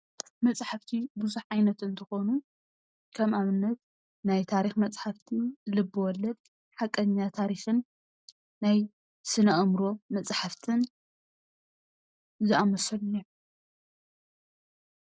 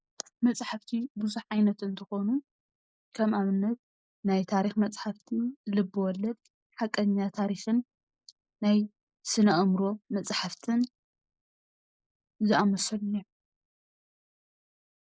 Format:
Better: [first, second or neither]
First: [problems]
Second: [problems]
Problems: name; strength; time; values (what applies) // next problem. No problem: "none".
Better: first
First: none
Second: noise reduction (neural mask model Resemble Enhance denoiser)